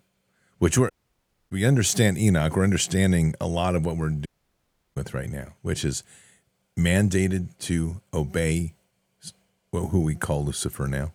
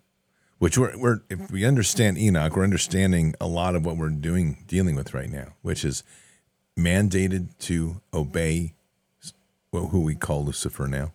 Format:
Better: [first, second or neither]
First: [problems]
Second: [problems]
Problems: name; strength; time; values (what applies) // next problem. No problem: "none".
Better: second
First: audio cutting out; at 1 s for 0.5 s and at 4.5 s for 0.5 s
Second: none